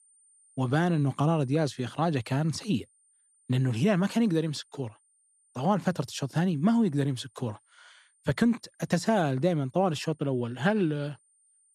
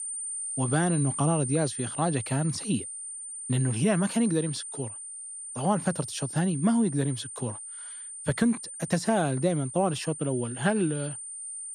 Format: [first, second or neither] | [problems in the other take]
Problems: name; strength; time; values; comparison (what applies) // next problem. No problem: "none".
first | high-pitched whine; loud; throughout; 9 kHz, 7 dB below the speech; faint in the first